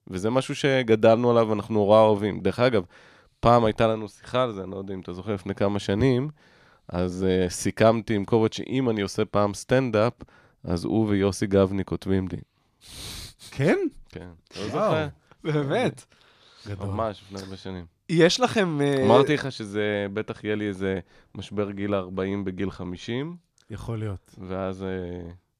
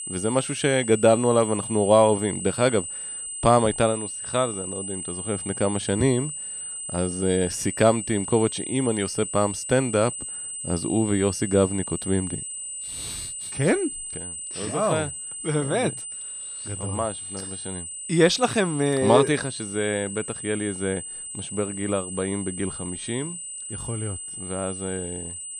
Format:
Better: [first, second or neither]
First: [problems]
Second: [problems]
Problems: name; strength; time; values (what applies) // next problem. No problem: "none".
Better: first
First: none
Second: high-pitched whine; loud; throughout; 8 kHz, 7 dB below the speech